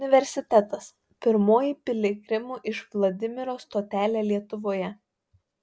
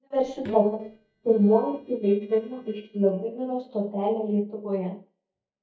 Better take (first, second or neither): first